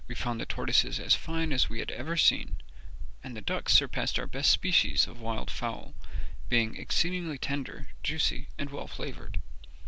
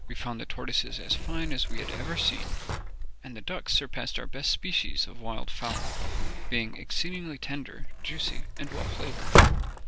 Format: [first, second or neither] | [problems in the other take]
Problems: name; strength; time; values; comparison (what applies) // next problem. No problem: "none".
first | background sound (Sliding door); 2 dB below the speech